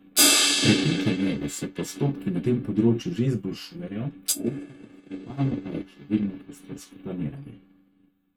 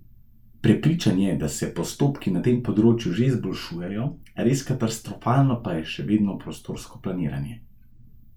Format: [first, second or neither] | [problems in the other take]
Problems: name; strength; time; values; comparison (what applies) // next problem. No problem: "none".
second | noise reduction (neural mask model RNNoise)